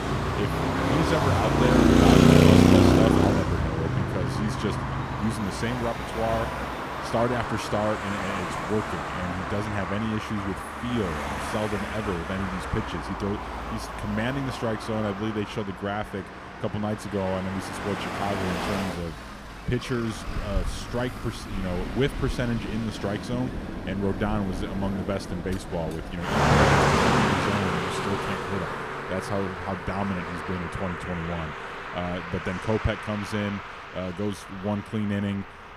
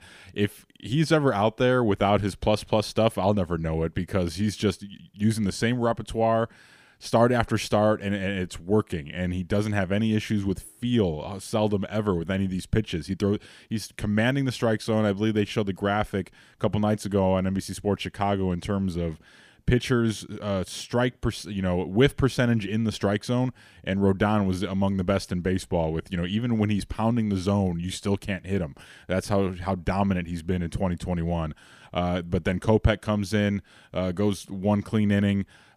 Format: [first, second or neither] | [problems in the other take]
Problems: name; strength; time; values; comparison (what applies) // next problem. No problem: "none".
second | traffic noise; very loud; throughout; 4 dB above the speech